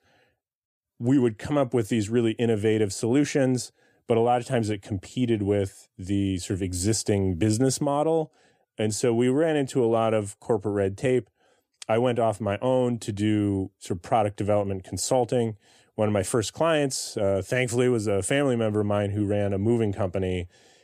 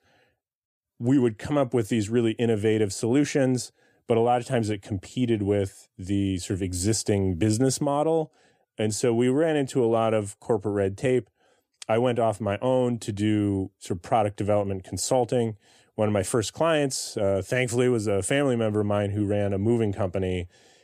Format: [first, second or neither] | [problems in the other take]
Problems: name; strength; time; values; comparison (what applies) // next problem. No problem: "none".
neither | none